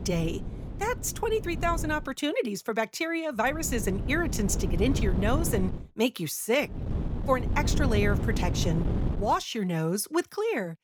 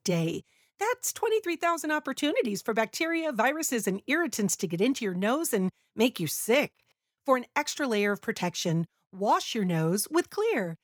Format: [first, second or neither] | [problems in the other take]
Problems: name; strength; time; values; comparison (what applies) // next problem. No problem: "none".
second | wind noise on the microphone; occasional gusts; until 2 s, from 3.5 to 5.5 s and from 7 to 9.5 s; 10 dB below the speech